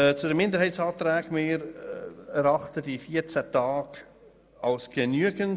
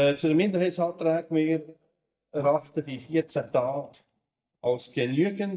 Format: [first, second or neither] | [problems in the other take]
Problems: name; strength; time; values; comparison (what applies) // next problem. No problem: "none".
first | noise reduction (neural mask model DeepFilterNet 3)